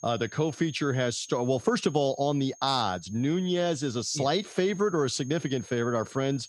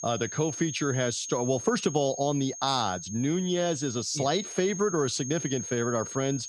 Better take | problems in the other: first | high-pitched whine; loud; throughout; 6.5 kHz, 8 dB below the speech; faint in the first

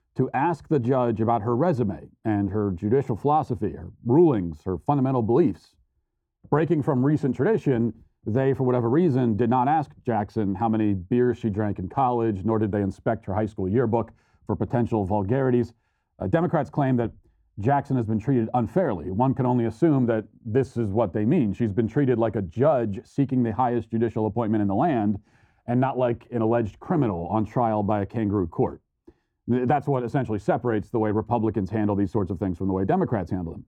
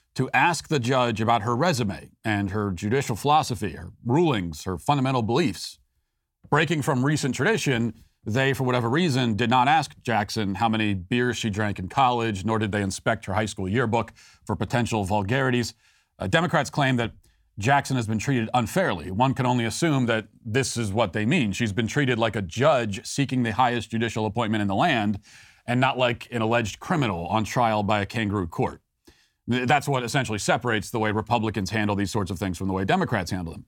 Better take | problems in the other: second | muffled; very; fading above 1.5 kHz

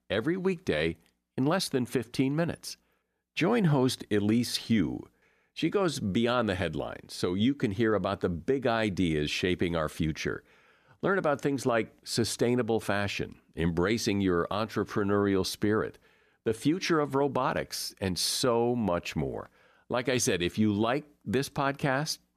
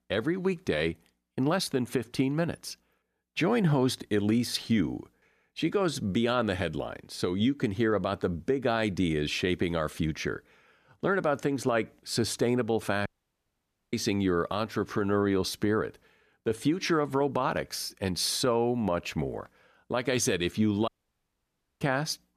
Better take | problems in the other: first | audio cutting out; at 13 s for 1 s and at 21 s for 1 s

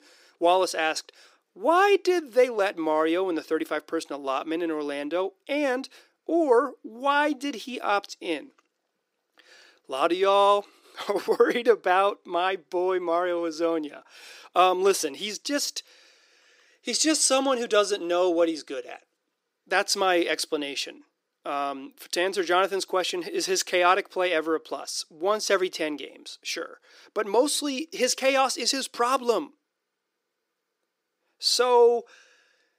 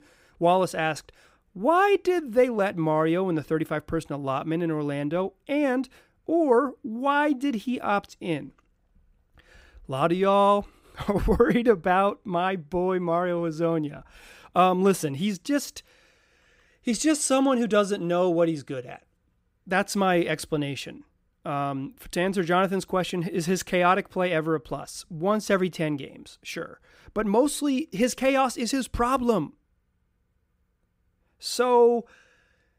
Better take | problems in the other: second | thin; somewhat; fading below 350 Hz

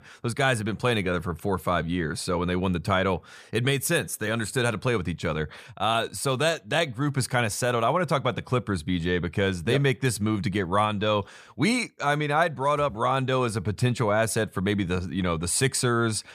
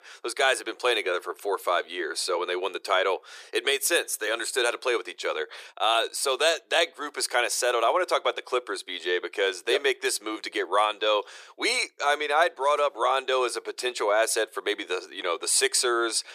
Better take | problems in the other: first | thin; very; fading below 350 Hz

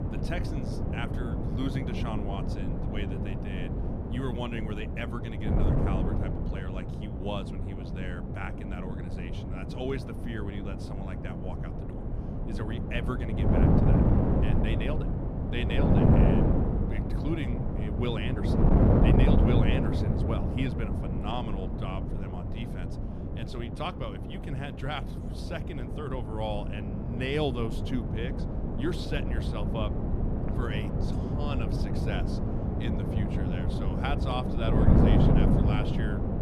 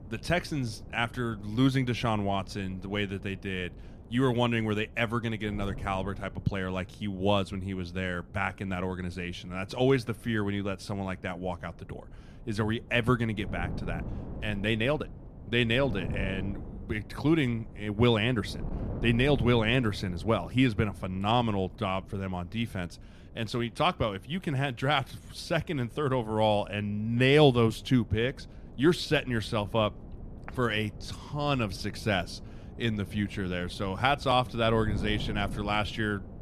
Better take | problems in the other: second | wind noise on the microphone; heavy; 2 dB above the speech; occasional gusts in the second

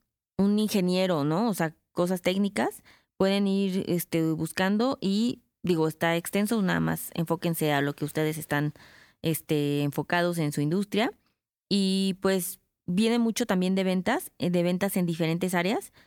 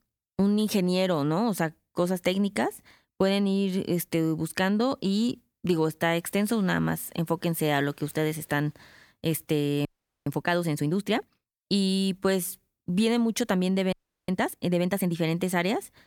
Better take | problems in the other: first | audio freezing; at 10 s and at 14 s

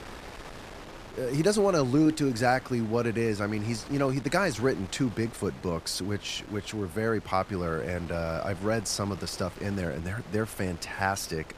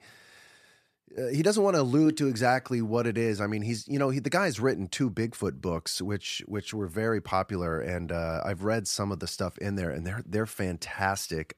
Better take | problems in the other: second | wind noise on the microphone; occasional gusts; 15 dB below the speech

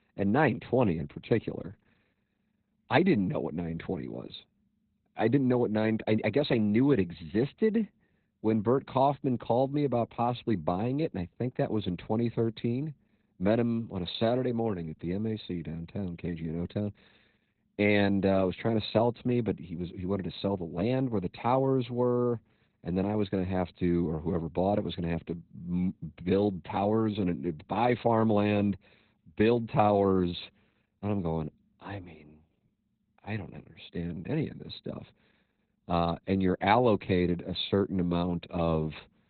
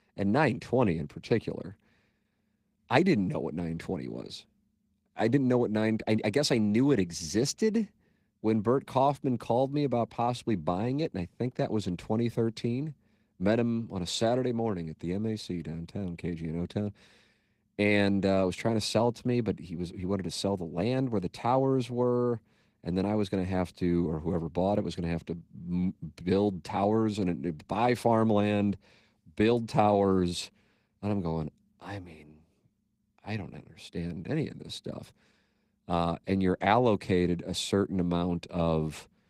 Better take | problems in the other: second | garbled, watery; badly; nothing above 4 kHz; slightly in the second

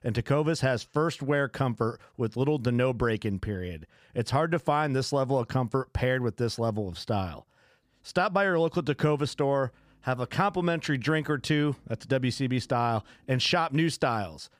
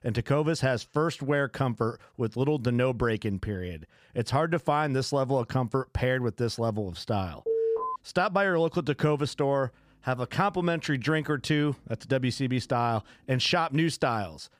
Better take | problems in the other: first | alarm; loud; at 7.5 s; peak level with the speech

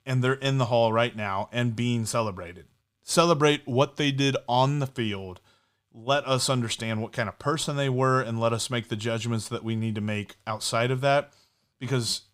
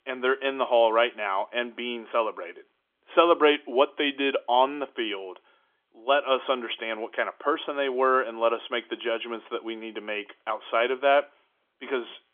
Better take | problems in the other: first | phone-call audio; nothing above 3.5 kHz

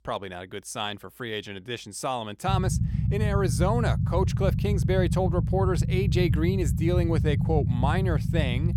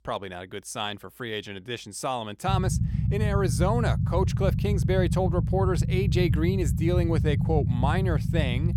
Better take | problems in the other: neither | low rumble; loud; from 2.5 s on; 8 dB below the speech; the same in both

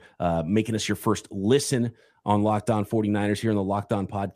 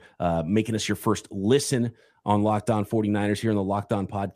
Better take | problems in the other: neither | none

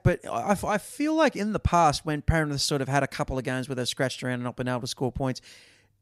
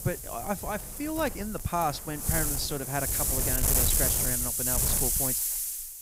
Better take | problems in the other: first | wind noise on the microphone; heavy; 4 dB above the speech

